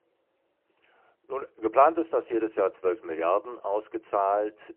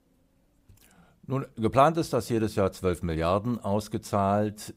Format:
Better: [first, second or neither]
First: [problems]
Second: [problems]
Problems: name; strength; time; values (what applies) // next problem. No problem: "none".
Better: second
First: phone-call audio; poor line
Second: none